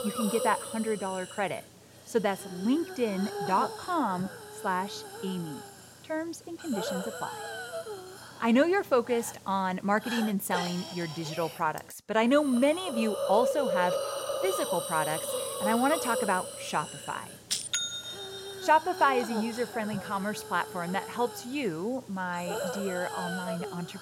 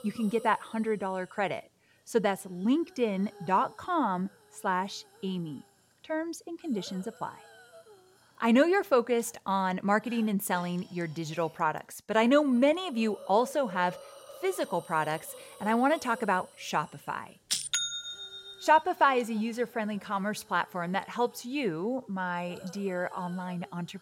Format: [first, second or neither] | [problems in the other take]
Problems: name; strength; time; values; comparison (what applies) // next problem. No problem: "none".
second | hiss; loud; throughout; 6 dB below the speech; faint in the second